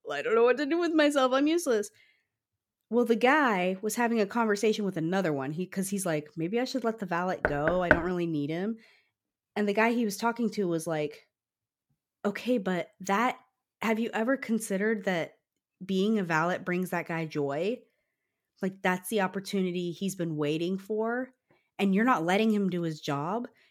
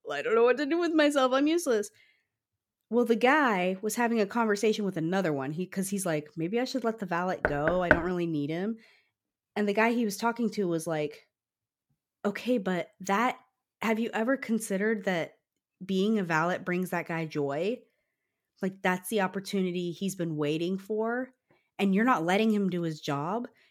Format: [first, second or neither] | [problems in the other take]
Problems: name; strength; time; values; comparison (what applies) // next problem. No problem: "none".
neither | door banging; loud; at 7.5 s; peak 3 dB above the speech; the same in both